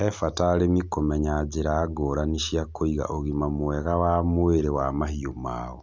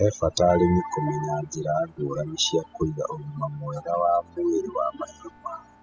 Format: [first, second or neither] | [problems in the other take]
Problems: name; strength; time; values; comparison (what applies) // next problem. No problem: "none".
first | noise reduction (classical method spectral subtraction)